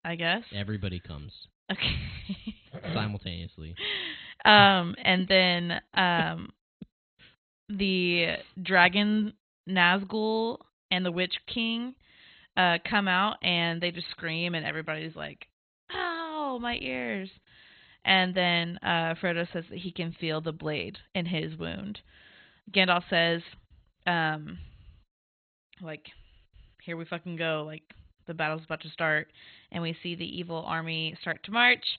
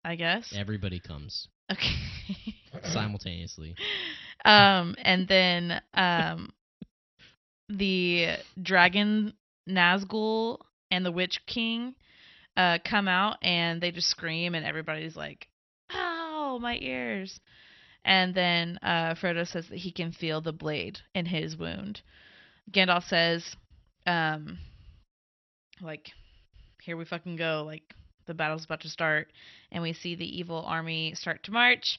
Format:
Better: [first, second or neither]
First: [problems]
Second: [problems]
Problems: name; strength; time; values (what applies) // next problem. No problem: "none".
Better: second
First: garbled, watery; badly; nothing above 4 kHz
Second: garbled, watery; slightly; nothing above 5.5 kHz